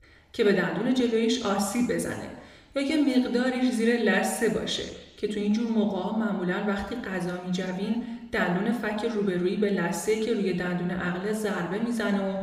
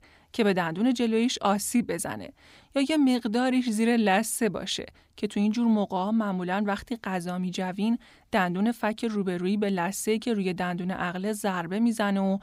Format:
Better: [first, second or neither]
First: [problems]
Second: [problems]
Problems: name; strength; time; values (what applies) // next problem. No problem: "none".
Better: second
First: room echo; slight; dies away in 1 s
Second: none